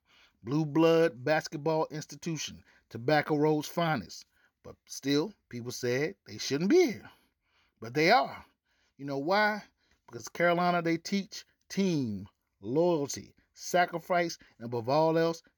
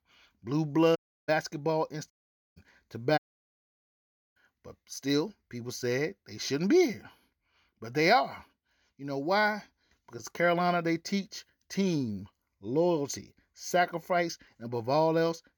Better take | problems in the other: first | audio cutting out; at 1 s, at 2 s and at 3 s for 1 s

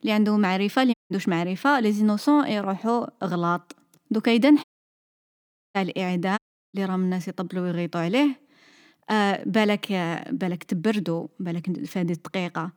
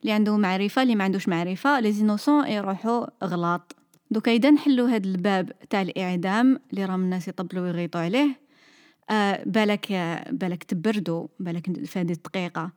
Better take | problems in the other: second | audio cutting out; at 1 s, at 4.5 s for 1 s and at 6.5 s

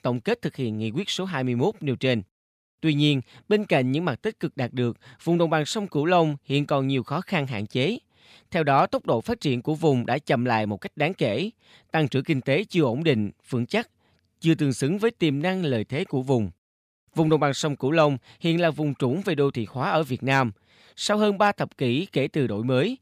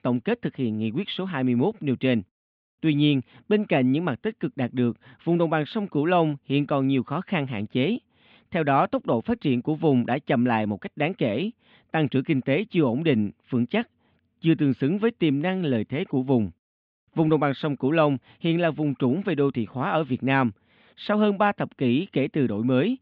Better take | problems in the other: first | muffled; very; fading above 3.5 kHz

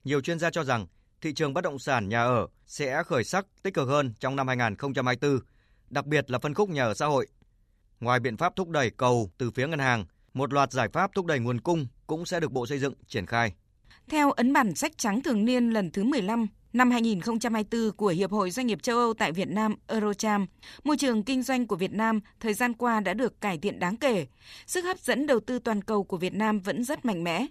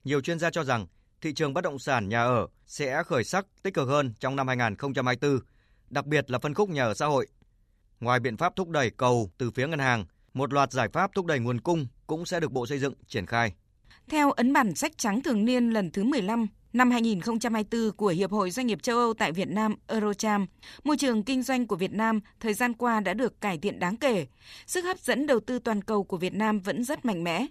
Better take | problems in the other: neither | none

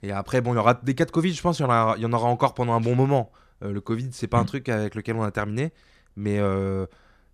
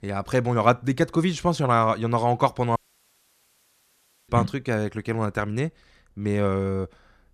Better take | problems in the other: first | audio cutting out; at 3 s for 1.5 s

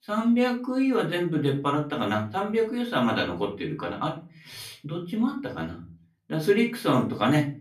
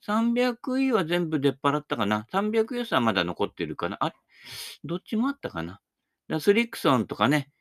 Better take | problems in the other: second | off-mic speech; far // room echo; very slight; dies away in 0.3 s

